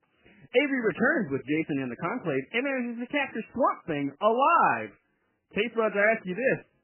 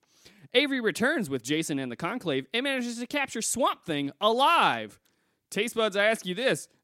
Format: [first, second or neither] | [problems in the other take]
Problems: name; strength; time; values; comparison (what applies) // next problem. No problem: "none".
second | garbled, watery; badly; nothing above 3 kHz